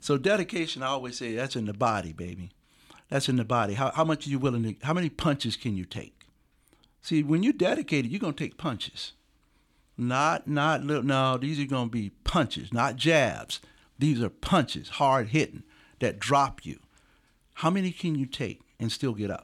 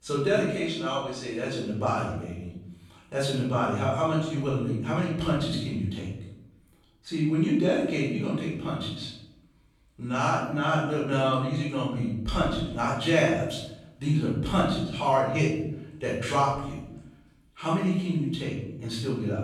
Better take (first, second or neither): first